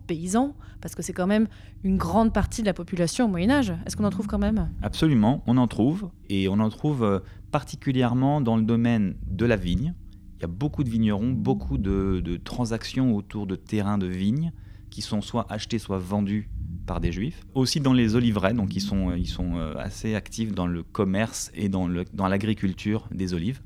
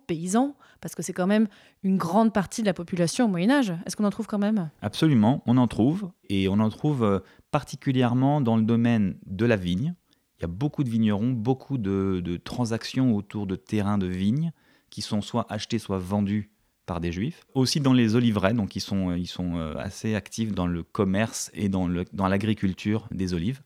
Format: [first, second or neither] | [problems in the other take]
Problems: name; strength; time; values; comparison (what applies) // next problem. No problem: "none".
second | low rumble; faint; throughout; 20 dB below the speech